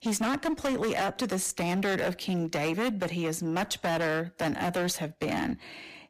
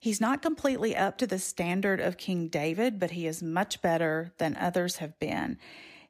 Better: second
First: distortion; heavy; 22% of the sound clipped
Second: none

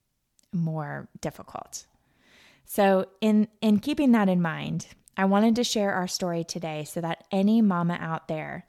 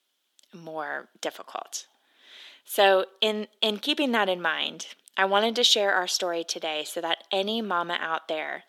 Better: first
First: none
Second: thin; very; fading below 350 Hz

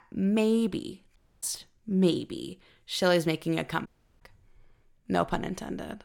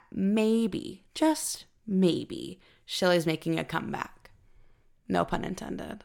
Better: second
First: audio cutting out; at 1 s and at 4 s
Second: none

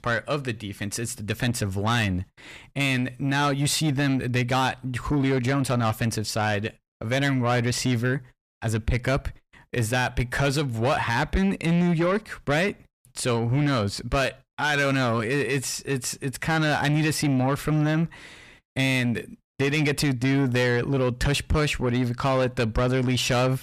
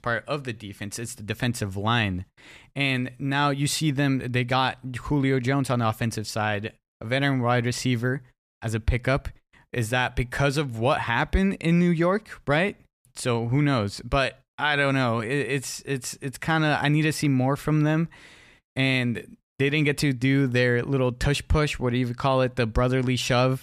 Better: second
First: distortion; slight; 10 dB below the speech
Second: none

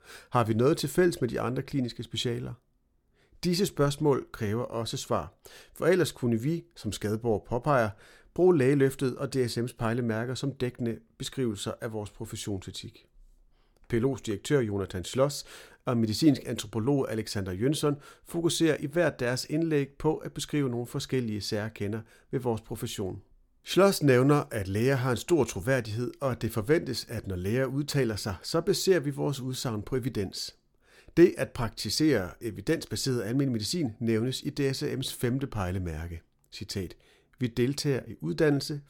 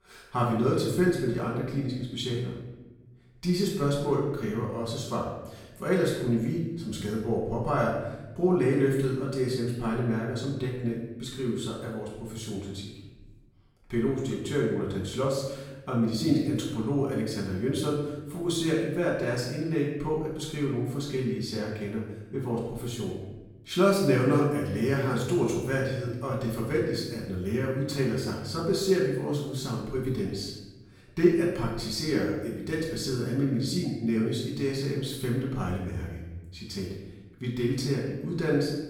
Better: first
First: none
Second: off-mic speech; far // room echo; noticeable; dies away in 1 s

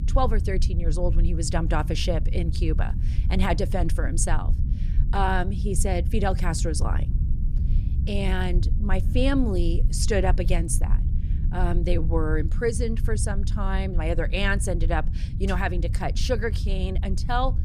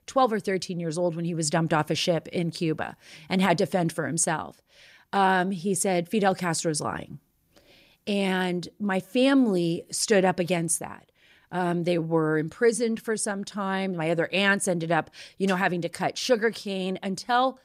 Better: second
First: low rumble; noticeable; throughout; 15 dB below the speech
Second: none

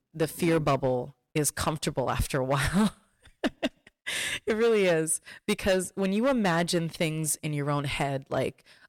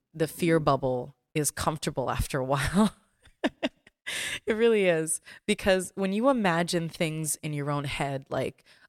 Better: second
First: distortion; slight; 5% of the sound clipped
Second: none

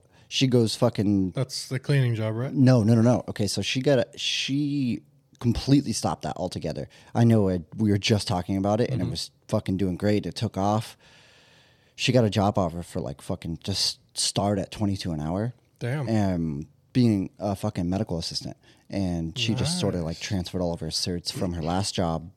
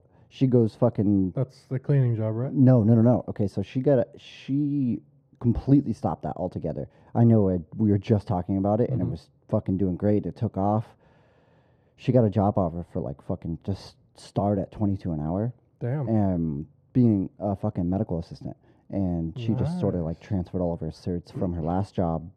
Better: first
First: none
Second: muffled; very; fading above 2 kHz

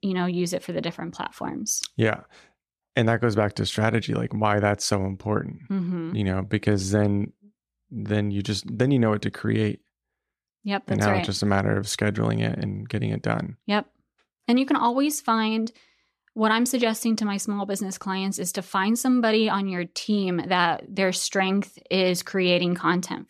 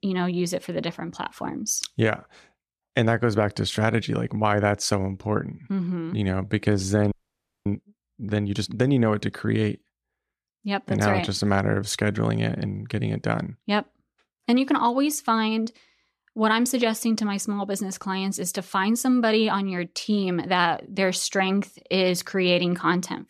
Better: first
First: none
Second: audio freezing; at 7 s for 0.5 s

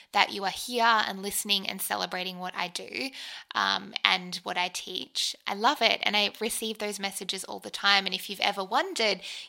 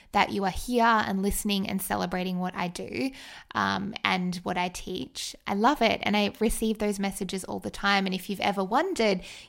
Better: second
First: thin; somewhat; fading below 800 Hz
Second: none

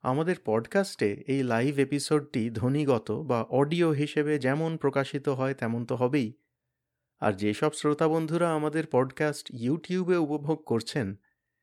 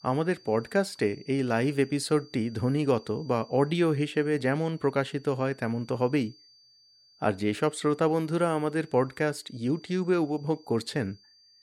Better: first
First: none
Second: high-pitched whine; faint; throughout; 4.5 kHz, 25 dB below the speech

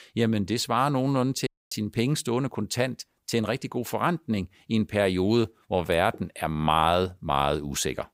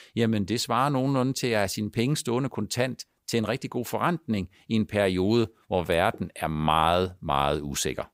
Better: second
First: audio cutting out; at 1.5 s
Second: none

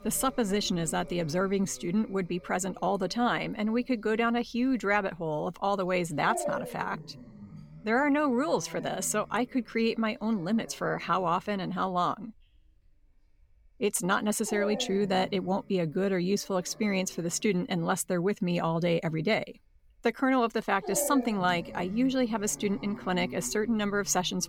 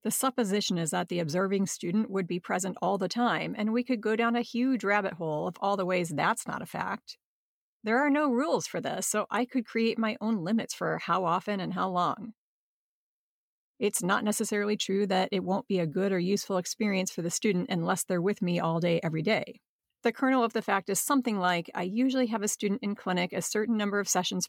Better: second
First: animal sounds; noticeable; throughout; 15 dB below the speech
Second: none

